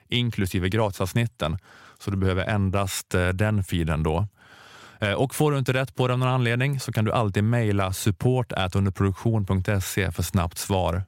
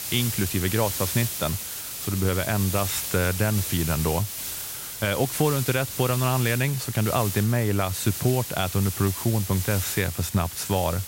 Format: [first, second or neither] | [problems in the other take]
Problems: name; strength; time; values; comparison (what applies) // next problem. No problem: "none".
first | hiss; loud; throughout; 5 dB below the speech